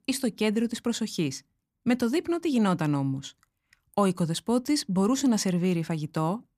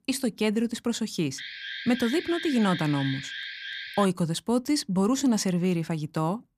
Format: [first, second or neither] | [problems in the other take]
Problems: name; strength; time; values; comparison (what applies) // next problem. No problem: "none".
first | alarm; noticeable; from 1.5 to 4 s; peak 8 dB below the speech